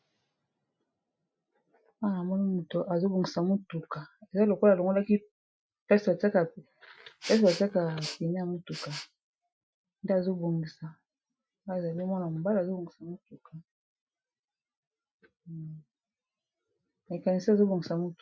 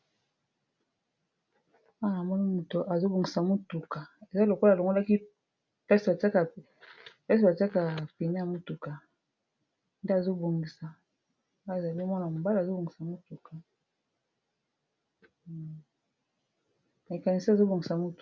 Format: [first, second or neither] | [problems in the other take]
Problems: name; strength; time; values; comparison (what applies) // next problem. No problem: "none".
second | noise reduction (classical method Wiener filter)